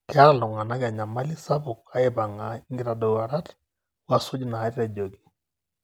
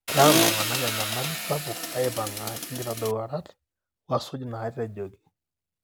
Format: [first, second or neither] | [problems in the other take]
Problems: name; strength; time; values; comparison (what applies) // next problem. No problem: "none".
first | background sound (Accelerating, revving, vroom); 2 dB above the speech